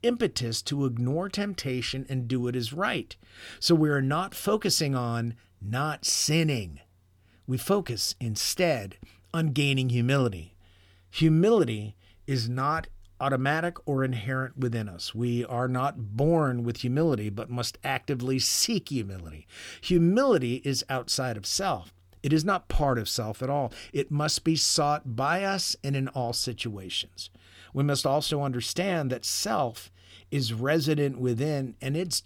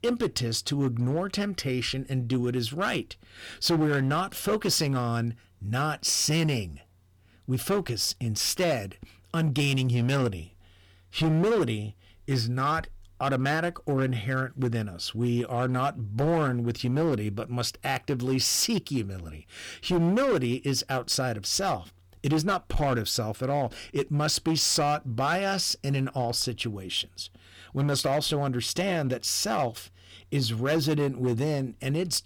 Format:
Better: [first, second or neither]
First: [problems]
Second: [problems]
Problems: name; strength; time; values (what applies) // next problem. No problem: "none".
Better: first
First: none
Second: distortion; slight; 8% of the sound clipped